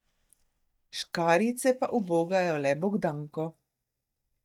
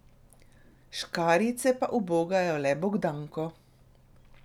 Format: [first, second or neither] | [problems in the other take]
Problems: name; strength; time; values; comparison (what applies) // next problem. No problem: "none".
second | noise reduction (neural mask model DeepFilterNet 3)